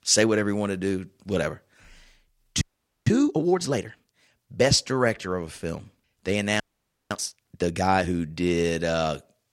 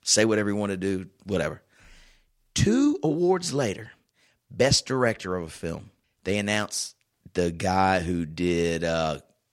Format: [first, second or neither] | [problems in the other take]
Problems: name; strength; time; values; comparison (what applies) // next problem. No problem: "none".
second | audio freezing; at 2.5 s and at 6.5 s for 0.5 s